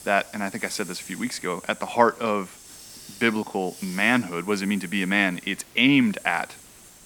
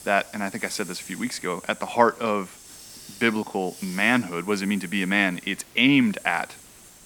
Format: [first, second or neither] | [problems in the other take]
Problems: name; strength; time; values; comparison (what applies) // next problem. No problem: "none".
neither | hiss; noticeable; throughout; 20 dB below the speech; the same in both